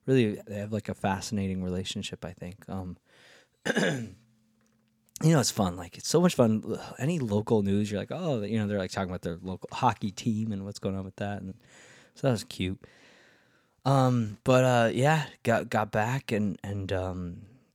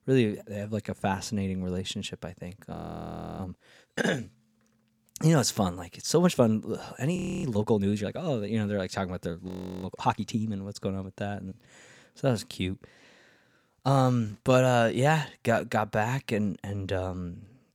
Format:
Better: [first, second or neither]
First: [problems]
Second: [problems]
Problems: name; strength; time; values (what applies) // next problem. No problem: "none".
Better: first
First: none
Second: audio freezing; at 2.5 s for 0.5 s, at 7 s and at 9.5 s